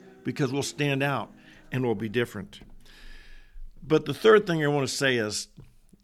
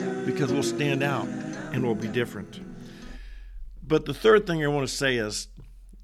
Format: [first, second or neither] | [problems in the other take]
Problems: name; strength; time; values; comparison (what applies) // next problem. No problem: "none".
first | background music; loud; throughout; 7 dB below the speech; faint in the first